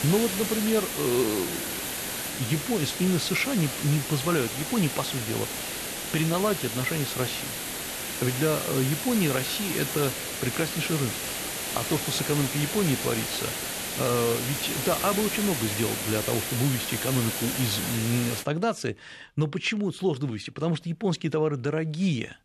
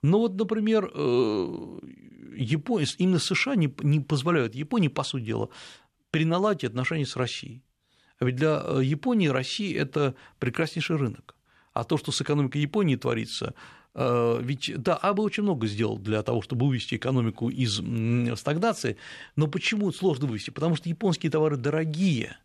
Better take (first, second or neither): second